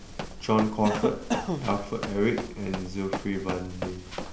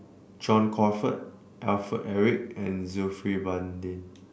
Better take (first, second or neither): second